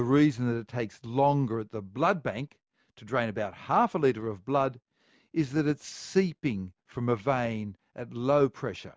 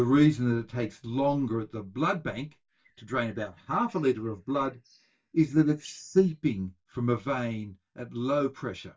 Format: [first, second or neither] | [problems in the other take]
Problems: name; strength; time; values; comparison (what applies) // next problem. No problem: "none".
first | noise reduction (neural mask model DeepFilterNet 3)